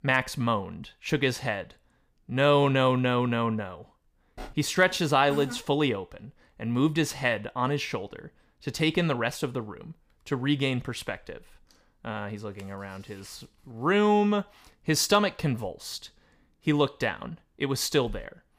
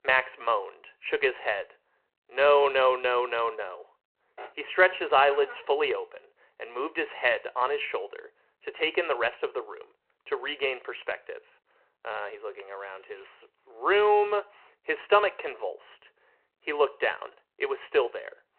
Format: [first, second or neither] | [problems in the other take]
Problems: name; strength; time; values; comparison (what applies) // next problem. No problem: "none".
first | phone-call audio; nothing above 4 kHz